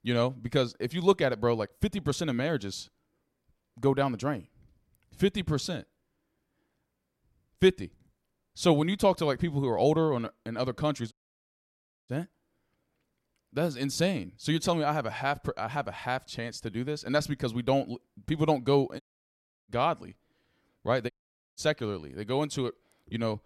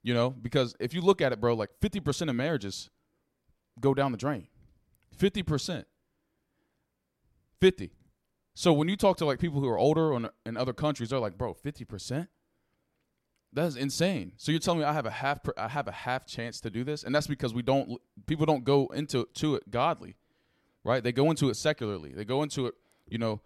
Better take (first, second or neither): second